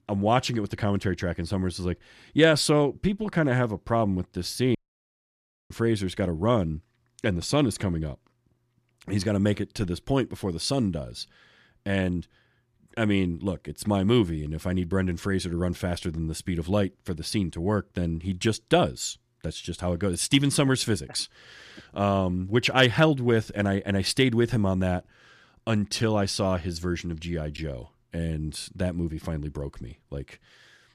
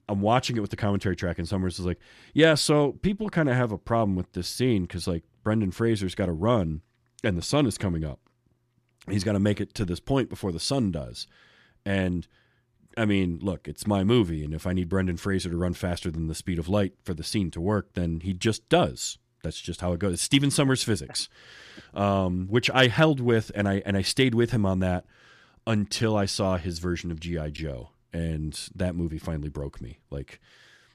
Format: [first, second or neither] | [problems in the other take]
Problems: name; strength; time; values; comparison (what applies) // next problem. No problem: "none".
second | audio cutting out; at 5 s for 1 s